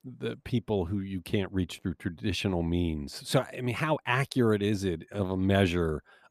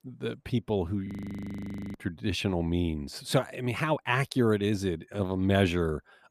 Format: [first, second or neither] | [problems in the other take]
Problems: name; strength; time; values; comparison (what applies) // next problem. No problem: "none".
first | audio freezing; at 1 s for 1 s